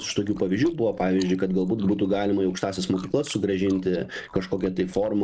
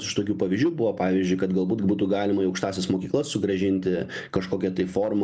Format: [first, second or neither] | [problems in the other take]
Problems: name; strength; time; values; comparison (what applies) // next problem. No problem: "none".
second | noise reduction (neural mask model RNNoise)